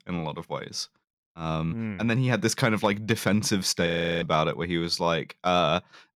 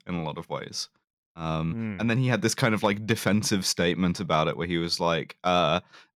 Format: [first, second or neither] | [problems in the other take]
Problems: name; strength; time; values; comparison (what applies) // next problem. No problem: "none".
second | audio freezing; at 4 s